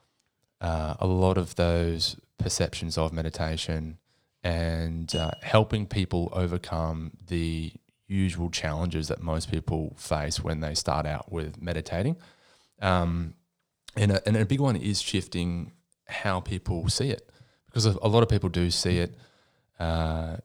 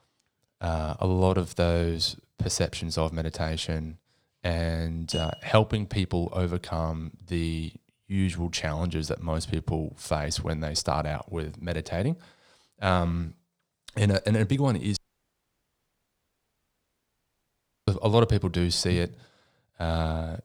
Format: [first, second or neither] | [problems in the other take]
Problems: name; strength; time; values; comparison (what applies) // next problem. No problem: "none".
first | audio cutting out; at 15 s for 3 s